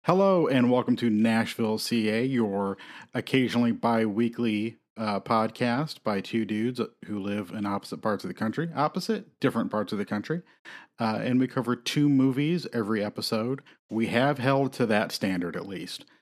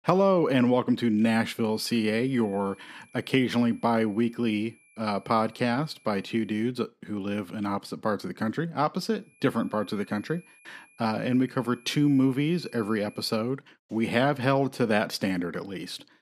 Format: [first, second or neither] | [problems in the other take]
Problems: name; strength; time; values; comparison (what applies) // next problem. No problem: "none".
first | high-pitched whine; faint; from 1.5 to 6.5 s and from 9.5 to 13 s; 2.5 kHz, 30 dB below the speech